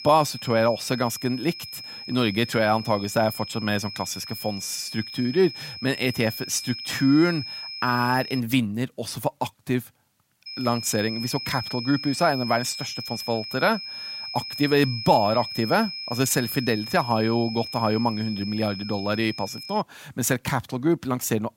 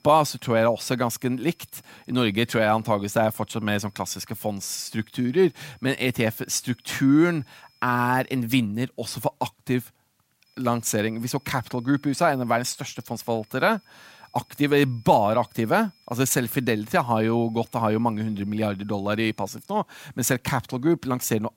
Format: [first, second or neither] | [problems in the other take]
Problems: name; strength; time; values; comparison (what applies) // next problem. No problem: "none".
second | high-pitched whine; loud; until 8.5 s and from 10 to 20 s; 5 kHz, 9 dB below the speech; faint in the second